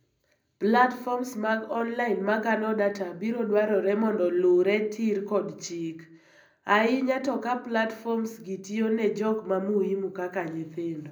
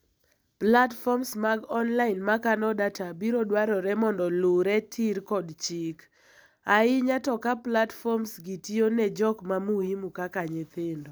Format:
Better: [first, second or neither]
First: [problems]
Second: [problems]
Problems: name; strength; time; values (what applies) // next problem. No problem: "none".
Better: second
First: room echo; dies away in 0.5 s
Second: none